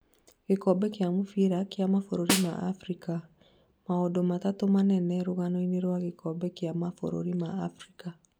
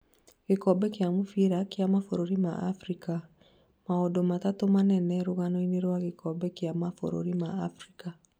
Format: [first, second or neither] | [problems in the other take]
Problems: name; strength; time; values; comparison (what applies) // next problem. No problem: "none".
second | background sound (Snare drum); 5 dB below the speech